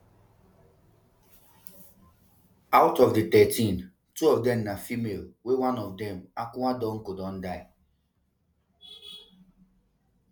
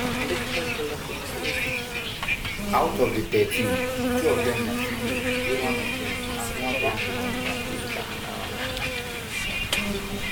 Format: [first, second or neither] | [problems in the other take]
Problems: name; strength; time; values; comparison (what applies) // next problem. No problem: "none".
first | background sound (Insect + Bus); 4 dB above the speech